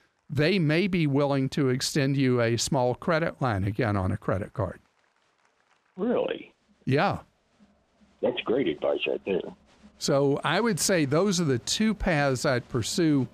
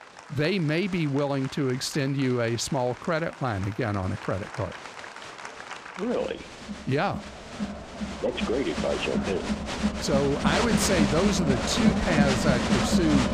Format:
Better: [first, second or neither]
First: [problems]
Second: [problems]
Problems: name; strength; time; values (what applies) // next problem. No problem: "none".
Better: first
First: crowd noise; faint; throughout; 30 dB below the speech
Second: crowd noise; loud; throughout; 1 dB below the speech